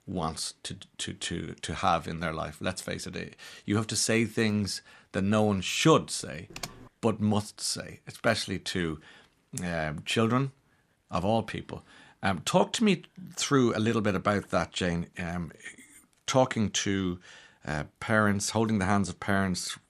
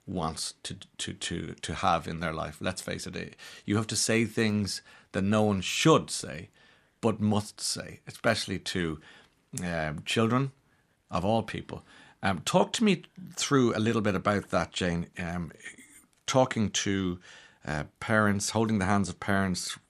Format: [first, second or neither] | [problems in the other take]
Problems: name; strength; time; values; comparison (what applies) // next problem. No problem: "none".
second | keyboard typing; faint; at 6.5 s; peak 10 dB below the speech